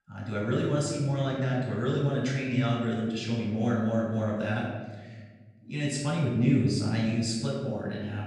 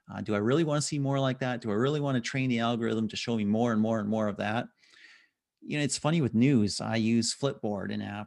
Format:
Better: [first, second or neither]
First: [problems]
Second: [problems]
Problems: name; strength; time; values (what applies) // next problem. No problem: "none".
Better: second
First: off-mic speech; far // room echo; noticeable; dies away in 1.4 s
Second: none